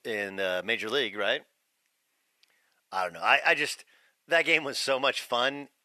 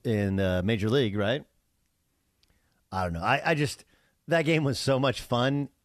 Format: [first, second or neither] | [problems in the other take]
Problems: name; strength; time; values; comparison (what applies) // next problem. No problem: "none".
second | thin; very; fading below 550 Hz